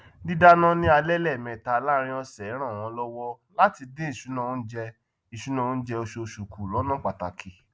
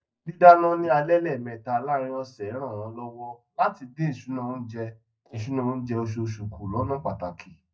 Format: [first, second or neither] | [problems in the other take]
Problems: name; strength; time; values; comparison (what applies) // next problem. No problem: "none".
first | noise reduction (neural mask model DeepFilterNet 3)